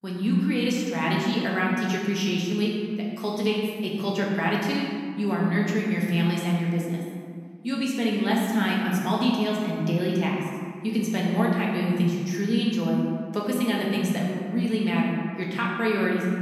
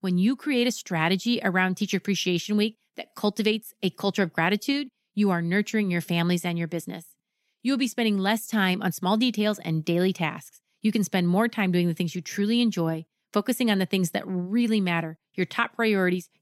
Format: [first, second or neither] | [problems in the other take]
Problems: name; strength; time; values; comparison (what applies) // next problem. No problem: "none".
second | room echo; noticeable; dies away in 1.7 s // off-mic speech; far